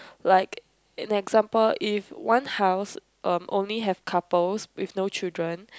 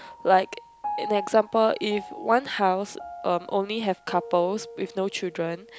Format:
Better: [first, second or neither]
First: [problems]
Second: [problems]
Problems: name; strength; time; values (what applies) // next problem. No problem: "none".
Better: first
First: none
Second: background sound (Piano); 14 dB below the speech